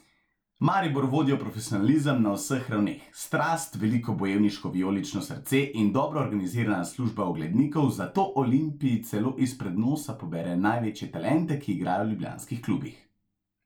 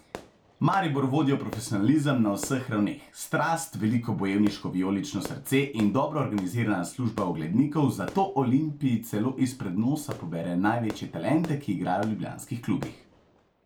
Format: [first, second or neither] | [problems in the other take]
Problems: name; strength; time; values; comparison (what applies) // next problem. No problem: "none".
first | background sound (Fireworks); 20 dB below the speech